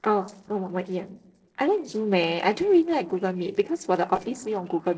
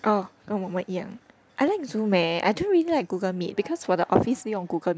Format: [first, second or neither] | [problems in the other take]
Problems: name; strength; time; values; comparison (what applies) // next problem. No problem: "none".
second | noise reduction (neural separator model SepFormer DNS4)